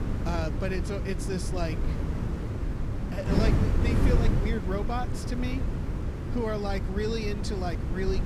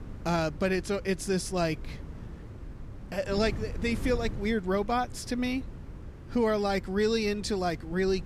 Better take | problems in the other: second | wind noise on the microphone; heavy; 3 dB below the speech; occasional gusts in the second

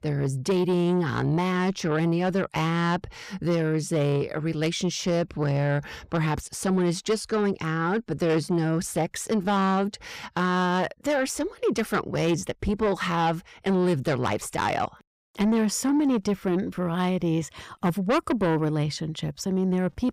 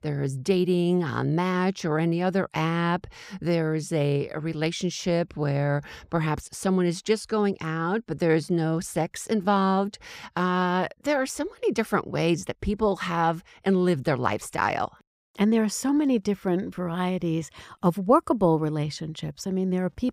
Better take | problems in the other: second | distortion; slight; 10 dB below the speech

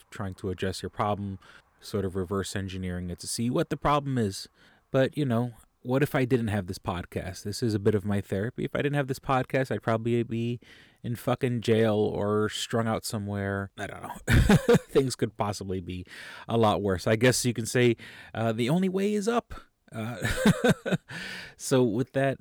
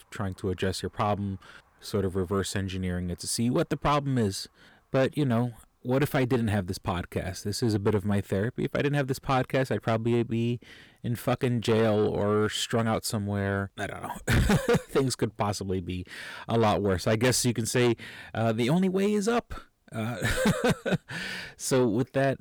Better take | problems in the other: first | distortion; slight; 10 dB below the speech

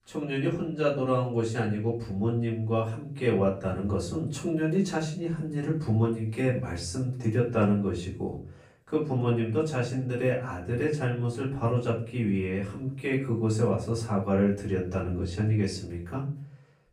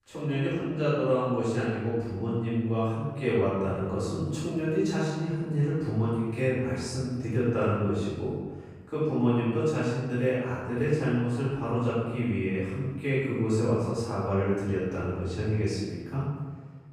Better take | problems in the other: first | room echo; strong; dies away in 1.3 s; slight in the first // off-mic speech; far; far in the first

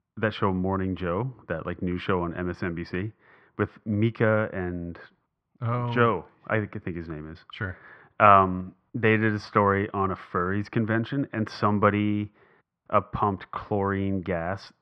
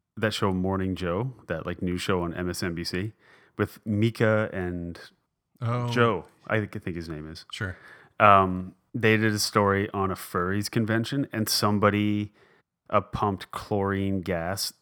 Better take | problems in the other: second | muffled; very; fading above 2.5 kHz

